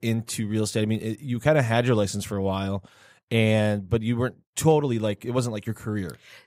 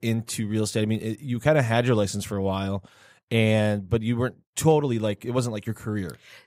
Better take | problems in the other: neither | none

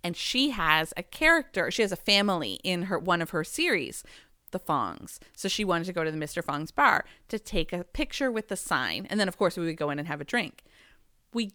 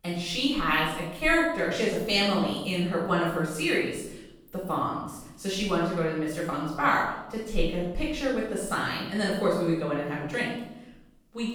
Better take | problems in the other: first | off-mic speech; far // room echo; noticeable; dies away in 0.8 s

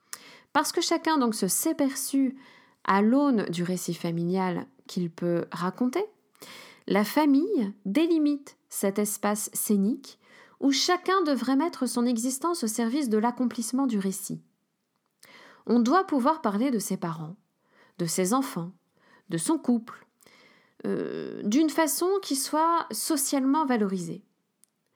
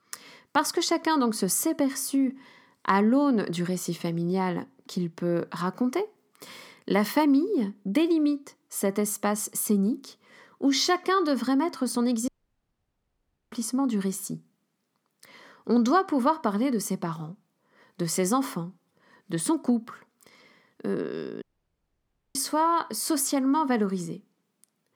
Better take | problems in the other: first | audio cutting out; at 12 s for 1 s and at 21 s for 1 s

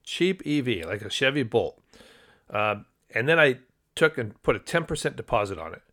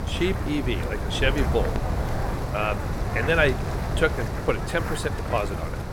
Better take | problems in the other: first | wind noise on the microphone; heavy; 6 dB below the speech

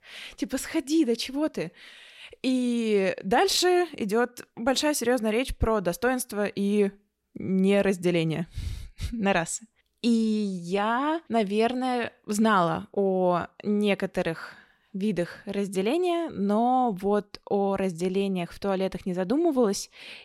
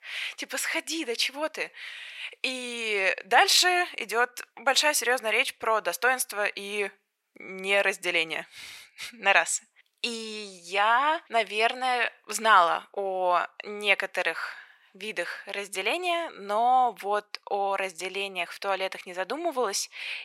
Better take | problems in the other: first | thin; very; fading below 850 Hz

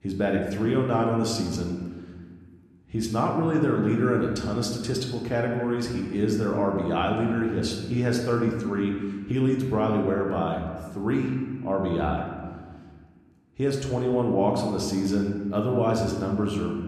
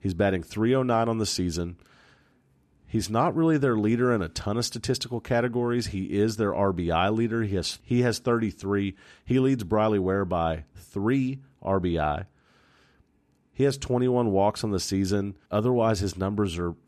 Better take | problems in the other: second | room echo; noticeable; dies away in 1.4 s // off-mic speech; somewhat distant

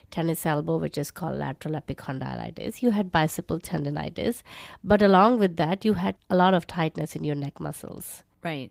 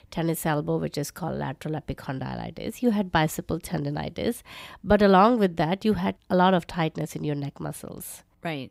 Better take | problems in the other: second | garbled, watery; slightly; nothing above 15.5 kHz

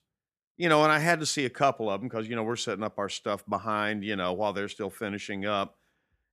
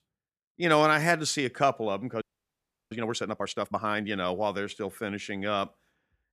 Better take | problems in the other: first | audio freezing; at 2 s for 0.5 s

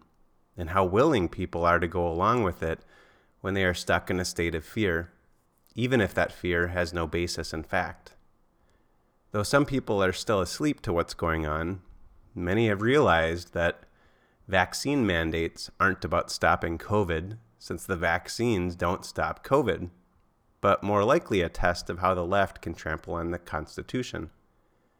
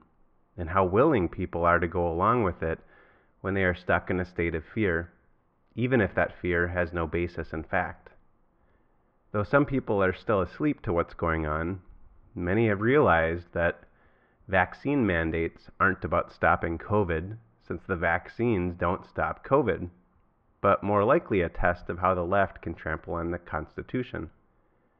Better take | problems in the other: first | muffled; very; fading above 2.5 kHz

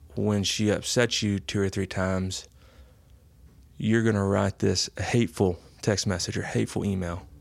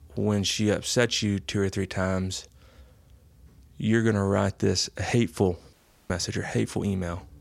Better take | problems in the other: first | audio cutting out; at 5.5 s

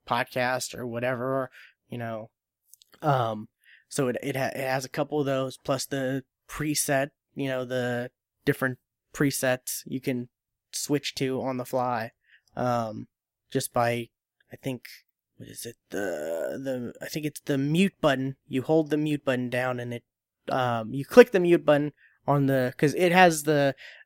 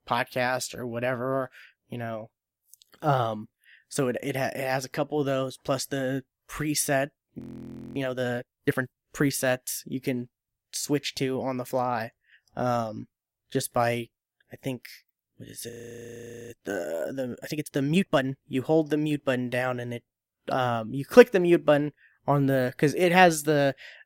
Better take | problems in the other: first | audio freezing; at 7.5 s for 0.5 s and at 16 s for 1 s

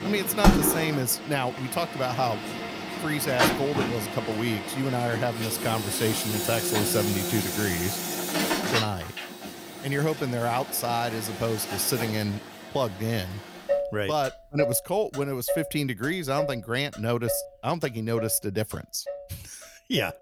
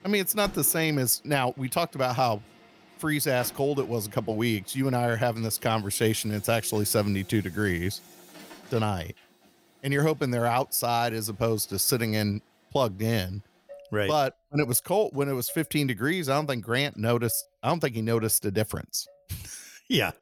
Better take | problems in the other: second | traffic noise; loud; throughout; 2 dB below the speech; faint in the second

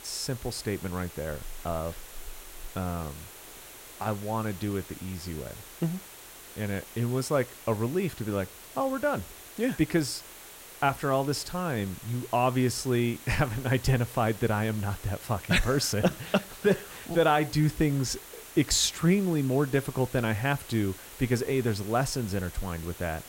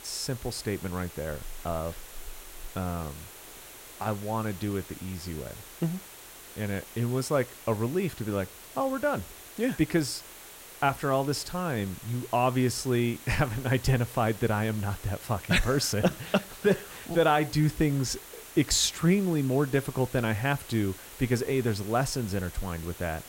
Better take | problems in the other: neither | hiss; noticeable; throughout; 15 dB below the speech; the same in both

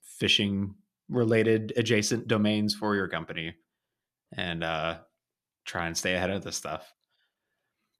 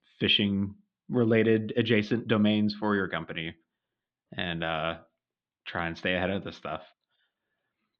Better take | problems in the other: first | muffled; slightly; fading above 3.5 kHz

